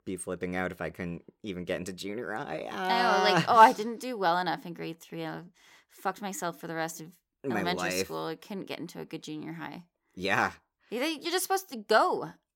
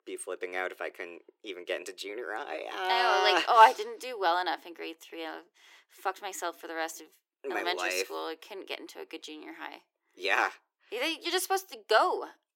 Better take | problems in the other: first | thin; very; fading below 350 Hz

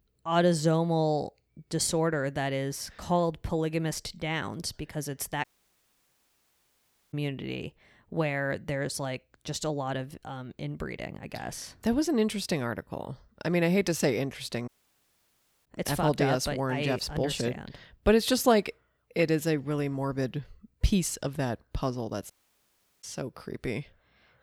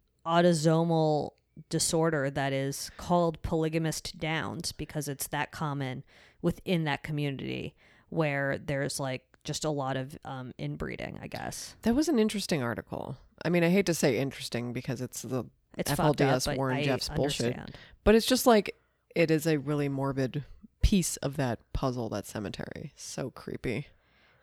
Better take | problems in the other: second | audio cutting out; at 5.5 s for 1.5 s, at 15 s for 1 s and at 22 s for 0.5 s

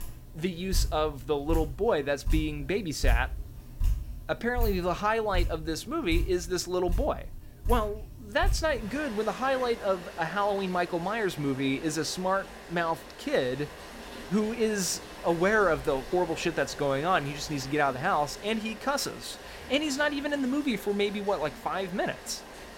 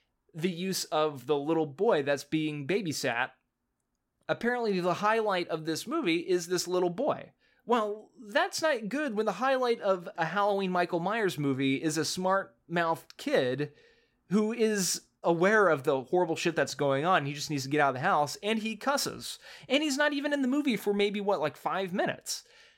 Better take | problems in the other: second | rain or running water; loud; throughout; 10 dB below the speech

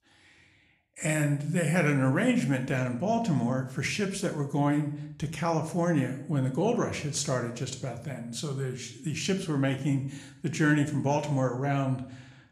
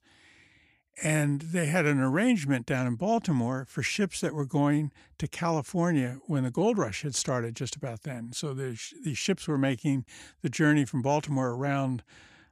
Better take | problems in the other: second | room echo; slight; dies away in 0.6 s

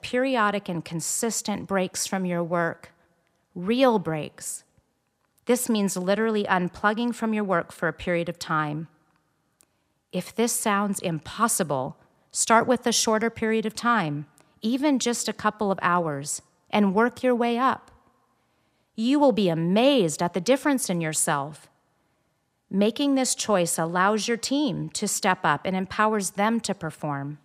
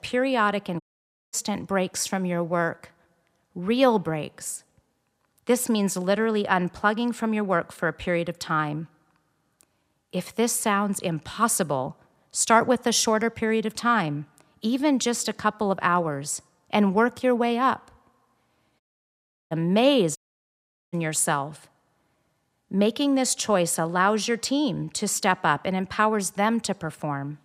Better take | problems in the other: first | audio cutting out; at 1 s for 0.5 s, at 19 s for 0.5 s and at 20 s for 1 s

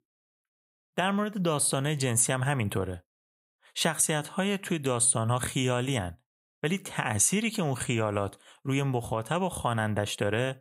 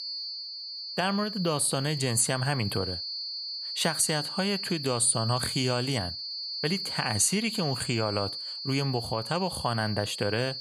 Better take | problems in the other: first | high-pitched whine; loud; throughout; 4.5 kHz, 5 dB below the speech

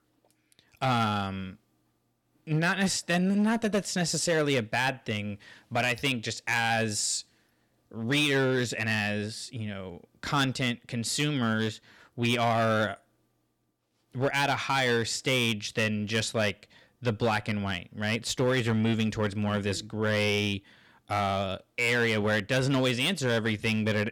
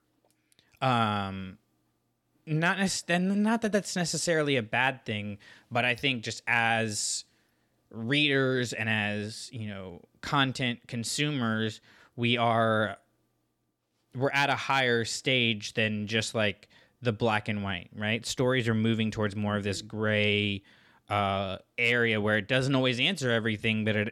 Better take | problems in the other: second | distortion; slight; 5% of the sound clipped

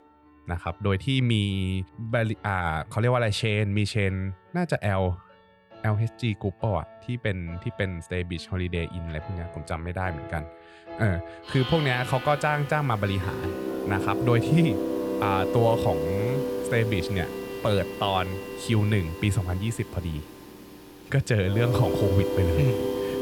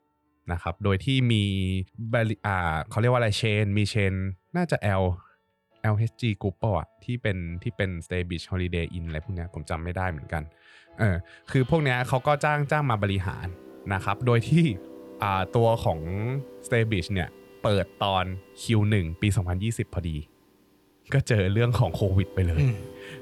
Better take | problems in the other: second | background music; loud; throughout; 4 dB below the speech; faint in the second

